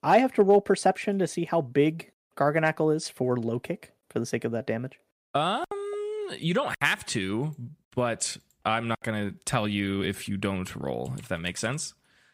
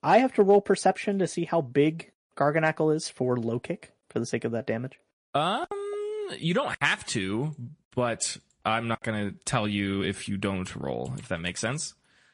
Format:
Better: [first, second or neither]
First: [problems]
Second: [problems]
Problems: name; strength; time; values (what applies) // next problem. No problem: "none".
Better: first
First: none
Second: garbled, watery; slightly; nothing above 10 kHz